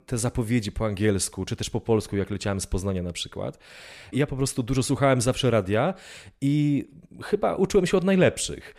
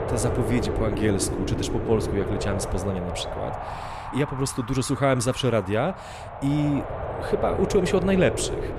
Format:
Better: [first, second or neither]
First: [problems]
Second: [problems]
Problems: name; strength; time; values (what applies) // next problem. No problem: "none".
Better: first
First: none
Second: wind noise on the microphone; heavy; 4 dB below the speech